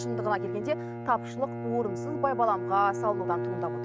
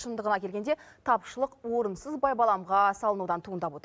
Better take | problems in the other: second | noise reduction (neural mask model RNNoise)

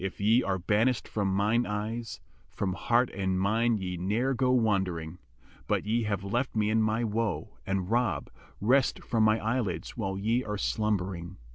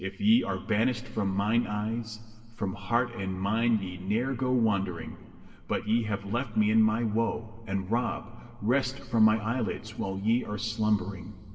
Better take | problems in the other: first | room echo; dies away in 1.7 s

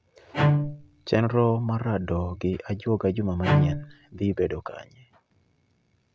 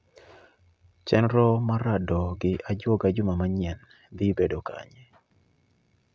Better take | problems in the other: second | background sound (Bowed string instrument); 1 dB above the speech

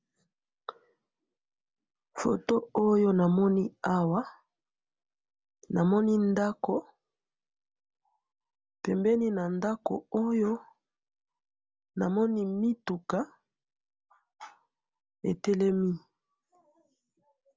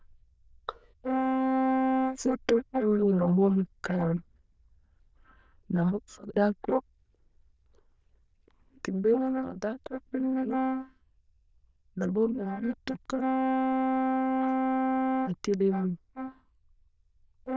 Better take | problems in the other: first | noise reduction (neural diffusion model UNIVERSE++)

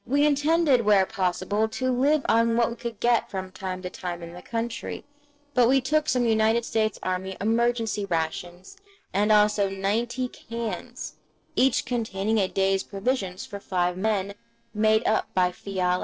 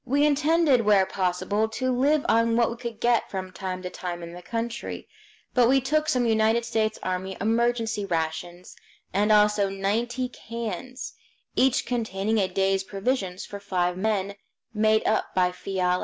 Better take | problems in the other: second | noise reduction (neural separator model SepFormer DNS4)

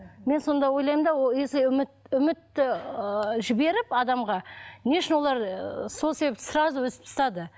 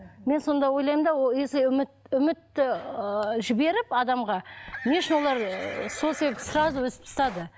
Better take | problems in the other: first | background sound (Livestock, farm animals, working animals); 13 dB below the speech

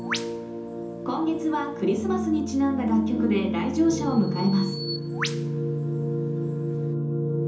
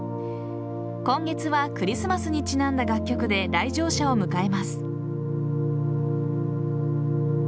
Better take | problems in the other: second | background sound (Bird vocalization, bird call, bird song); 16 dB below the speech // room echo; dies away in 0.6 s

